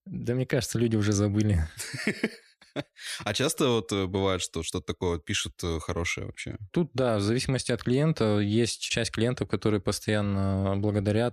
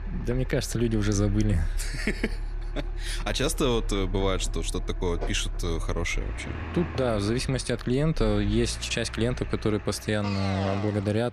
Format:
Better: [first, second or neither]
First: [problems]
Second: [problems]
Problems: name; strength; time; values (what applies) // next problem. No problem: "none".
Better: first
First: none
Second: traffic noise; loud; throughout; 8 dB below the speech